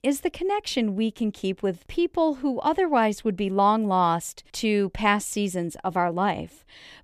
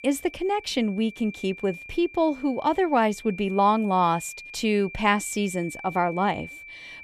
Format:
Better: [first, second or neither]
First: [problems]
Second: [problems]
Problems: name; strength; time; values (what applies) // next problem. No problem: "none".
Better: first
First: none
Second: high-pitched whine; noticeable; throughout; 2.5 kHz, 15 dB below the speech